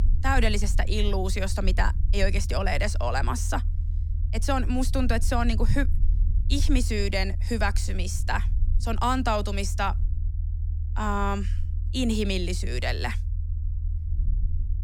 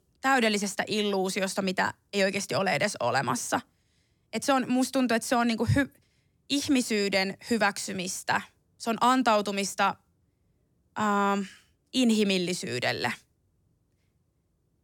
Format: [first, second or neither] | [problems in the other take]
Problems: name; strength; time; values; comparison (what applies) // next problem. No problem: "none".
second | low rumble; noticeable; throughout; 20 dB below the speech